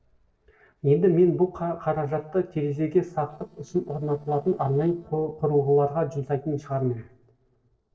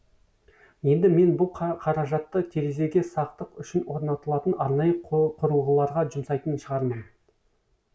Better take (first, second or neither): second